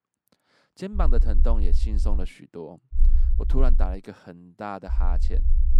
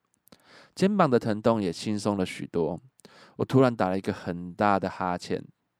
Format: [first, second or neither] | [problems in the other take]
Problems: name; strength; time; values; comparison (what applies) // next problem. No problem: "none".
second | low rumble; noticeable; from 1 to 2 s, at 3 s and at 5 s; 15 dB below the speech